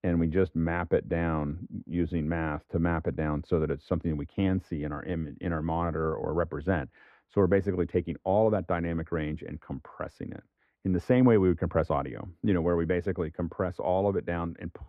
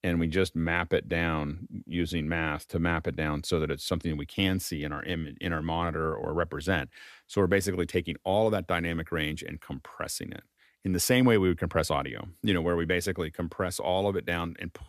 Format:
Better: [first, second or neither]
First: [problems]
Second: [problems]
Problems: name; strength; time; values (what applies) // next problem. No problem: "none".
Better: second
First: muffled; very; fading above 3 kHz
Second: none